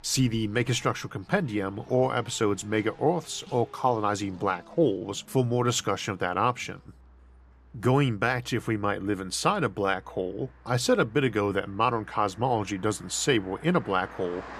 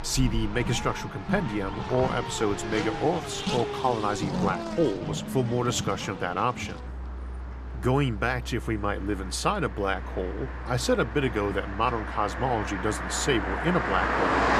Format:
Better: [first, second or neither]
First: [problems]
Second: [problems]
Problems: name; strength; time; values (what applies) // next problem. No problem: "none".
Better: first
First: traffic noise; faint; throughout; 25 dB below the speech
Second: traffic noise; loud; throughout; 4 dB below the speech